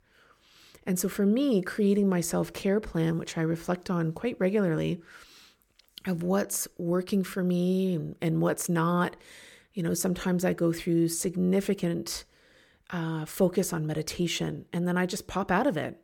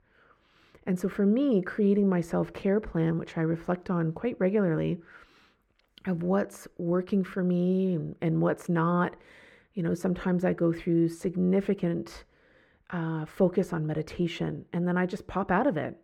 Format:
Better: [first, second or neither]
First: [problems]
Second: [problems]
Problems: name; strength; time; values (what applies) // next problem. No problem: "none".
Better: first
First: none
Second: muffled; very; fading above 3.5 kHz